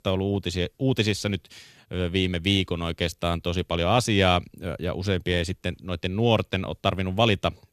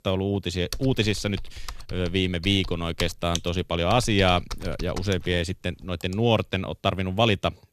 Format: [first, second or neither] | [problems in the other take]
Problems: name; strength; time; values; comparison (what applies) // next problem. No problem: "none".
first | keyboard typing; noticeable; from 0.5 to 6 s; peak 9 dB below the speech